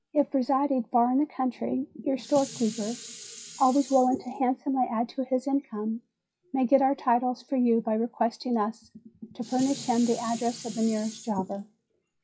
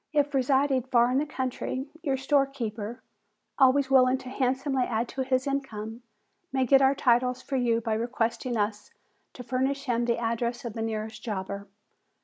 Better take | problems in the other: second | noise reduction (classical method WPE with log-MMSE)

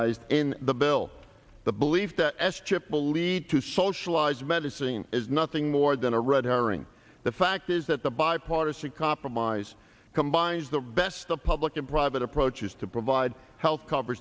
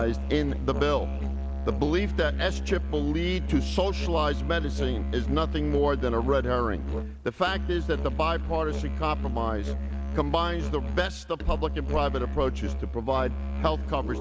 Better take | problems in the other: first | background sound (Musical instrument); 1 dB below the speech

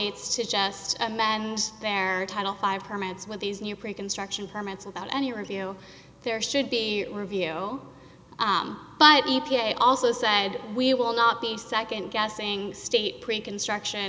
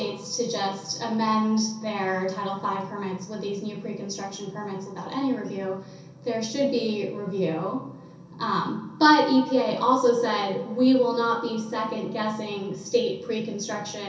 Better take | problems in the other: first | room echo; dies away in 0.6 s

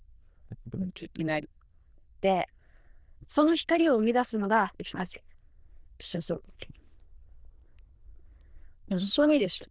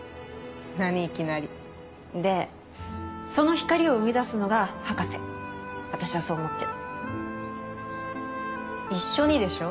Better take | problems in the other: second | noise reduction (neural diffusion model UNIVERSE++)

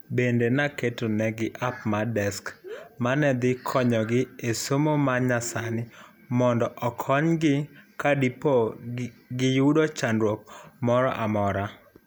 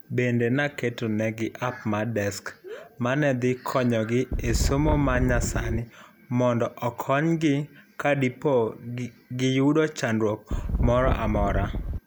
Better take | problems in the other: first | background sound (Wind); 1 dB below the speech

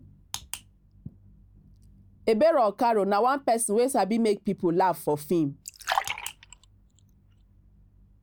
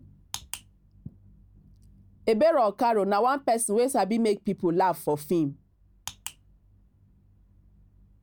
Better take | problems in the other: second | background sound (Fill (with liquid)); 8 dB below the speech

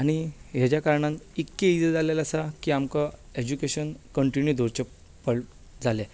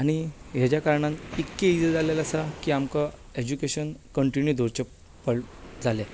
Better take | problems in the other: first | background sound (Waves, surf); 17 dB below the speech

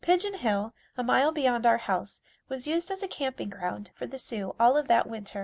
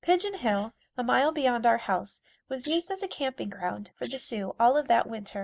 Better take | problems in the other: first | noise reduction (neural mask model Resemble Enhance denoiser)

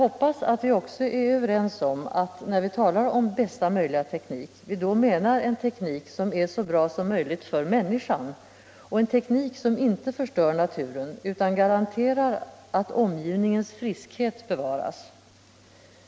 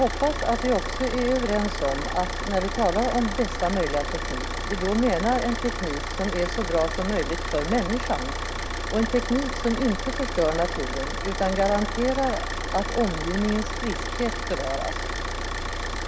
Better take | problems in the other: first | background sound (Idling / Car); 3 dB below the speech

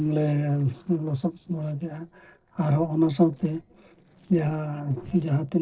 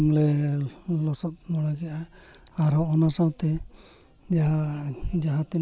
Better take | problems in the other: second | noise reduction (neural separator model SepFormer DNS4)

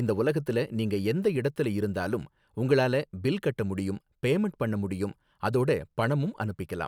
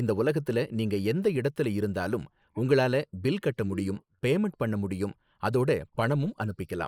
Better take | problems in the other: first | noise reduction (neural mask model Resemble Enhance denoiser)

